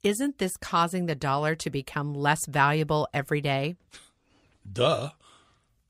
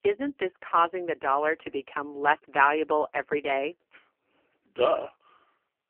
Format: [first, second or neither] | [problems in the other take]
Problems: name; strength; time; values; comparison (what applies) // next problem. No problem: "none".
first | phone-call audio; poor line; nothing above 3 kHz